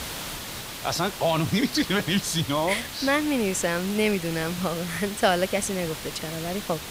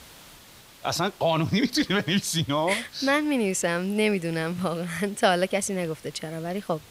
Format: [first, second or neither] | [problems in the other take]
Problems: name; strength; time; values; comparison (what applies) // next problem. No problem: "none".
second | hiss; loud; throughout; 9 dB below the speech; faint in the second